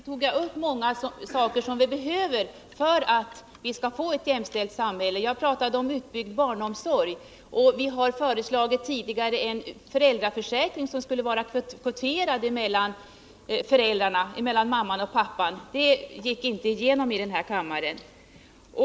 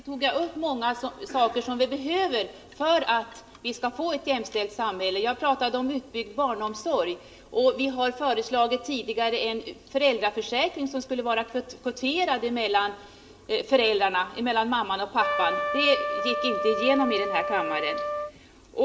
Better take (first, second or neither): first